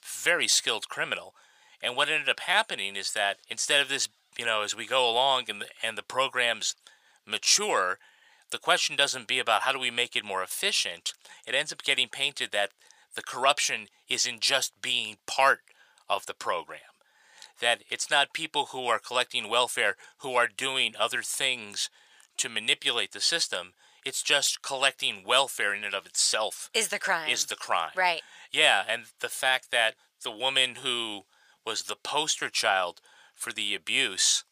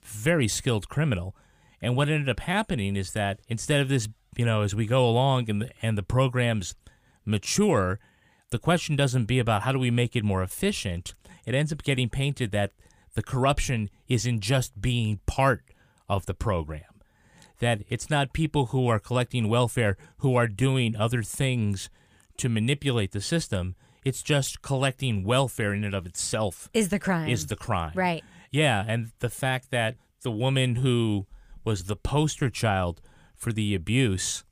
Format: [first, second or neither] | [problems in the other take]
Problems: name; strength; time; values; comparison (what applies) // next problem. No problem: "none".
second | thin; very; fading below 750 Hz